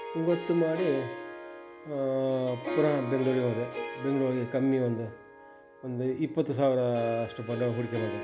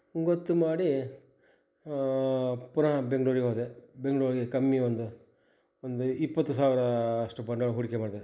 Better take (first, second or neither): second